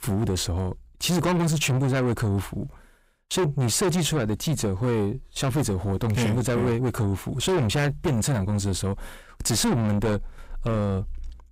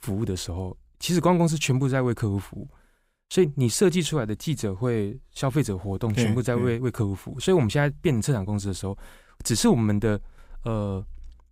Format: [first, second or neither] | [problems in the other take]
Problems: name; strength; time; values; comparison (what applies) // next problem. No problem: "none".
second | distortion; heavy; 6 dB below the speech